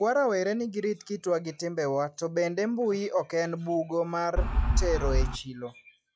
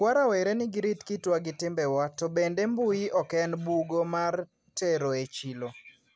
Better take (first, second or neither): second